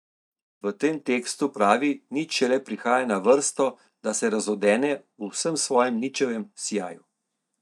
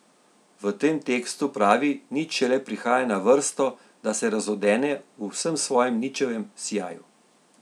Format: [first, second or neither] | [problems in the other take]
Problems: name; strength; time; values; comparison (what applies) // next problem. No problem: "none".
second | noise reduction (neural mask model DeepFilterNet 3)